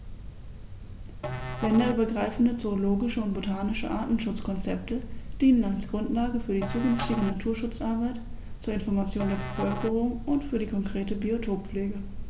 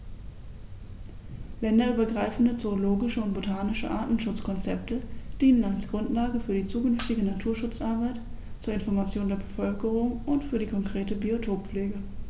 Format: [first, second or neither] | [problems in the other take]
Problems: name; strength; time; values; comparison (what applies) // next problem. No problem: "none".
second | background sound (Musical instrument); 12 dB below the speech